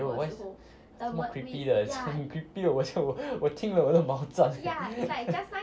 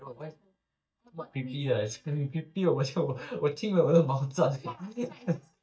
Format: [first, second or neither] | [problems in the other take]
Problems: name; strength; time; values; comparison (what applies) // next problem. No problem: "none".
first | noise reduction (neural mask model DeepFilterNet 3)